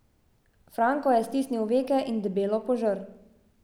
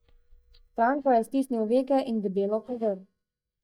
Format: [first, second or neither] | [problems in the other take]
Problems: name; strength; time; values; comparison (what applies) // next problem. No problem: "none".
first | noise reduction (neural mask model DeepFilterNet 3)